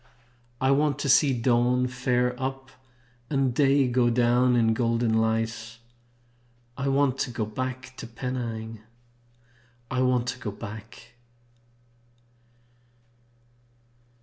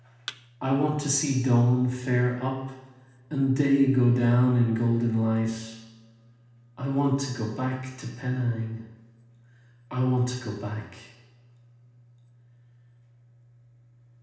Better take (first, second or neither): first